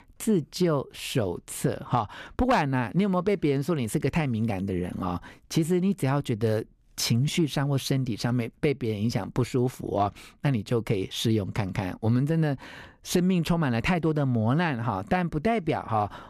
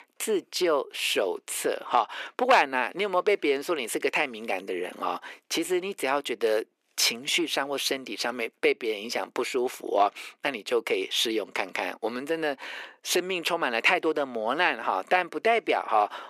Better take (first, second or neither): first